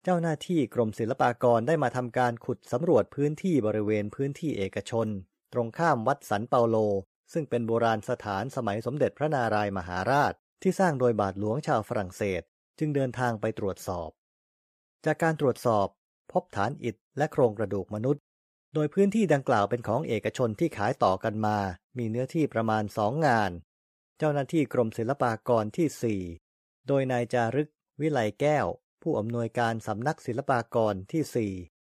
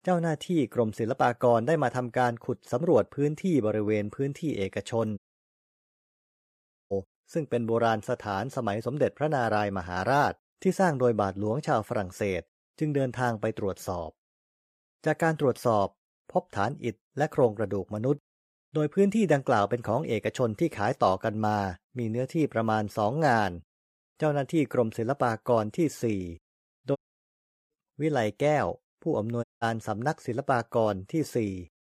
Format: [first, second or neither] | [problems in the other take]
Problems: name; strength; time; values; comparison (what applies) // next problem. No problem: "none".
first | audio cutting out; at 5 s for 1.5 s, at 27 s for 0.5 s and at 29 s